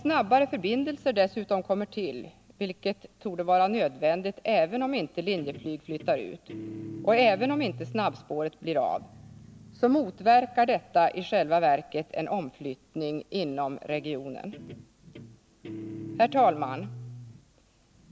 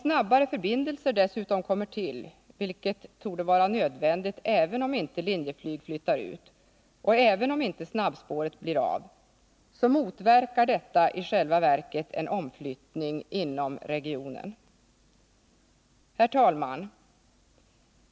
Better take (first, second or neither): second